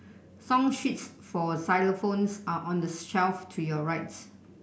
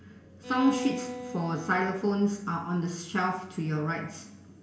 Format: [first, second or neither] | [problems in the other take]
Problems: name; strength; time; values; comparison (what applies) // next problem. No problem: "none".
first | background sound (Bowed string instrument); 11 dB below the speech // room echo; dies away in 1.2 s